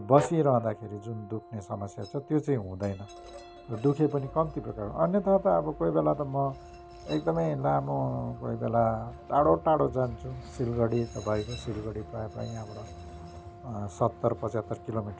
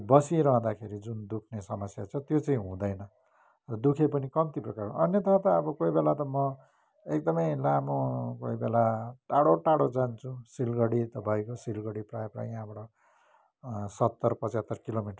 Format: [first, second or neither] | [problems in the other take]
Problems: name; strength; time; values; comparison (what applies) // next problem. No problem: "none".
second | background sound (Train + Brass instrument); 16 dB below the speech